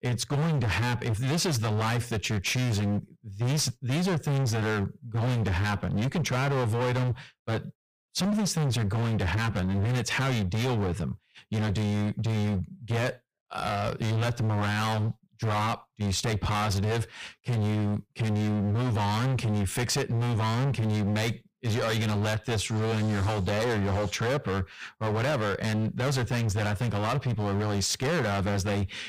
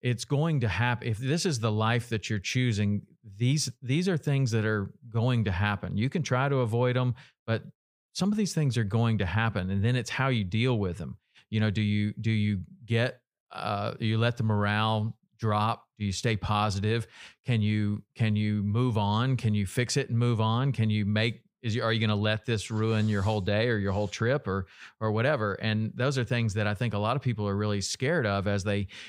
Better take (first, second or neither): second